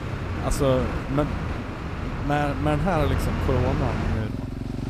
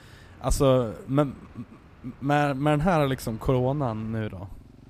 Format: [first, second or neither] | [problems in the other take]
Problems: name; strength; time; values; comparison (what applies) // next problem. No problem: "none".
second | traffic noise; loud; throughout; 2 dB below the speech; faint in the second